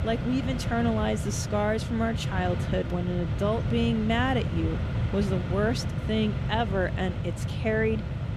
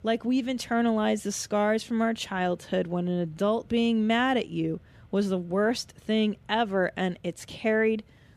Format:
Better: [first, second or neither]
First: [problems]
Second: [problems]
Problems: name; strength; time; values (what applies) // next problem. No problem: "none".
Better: second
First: machinery noise; loud; throughout; 2 dB below the speech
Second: machinery noise; faint; throughout; 30 dB below the speech